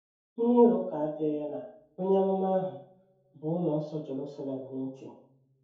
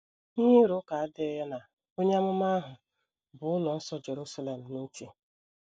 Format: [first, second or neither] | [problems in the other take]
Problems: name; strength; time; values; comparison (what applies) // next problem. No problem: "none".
second | room echo; dies away in 0.6 s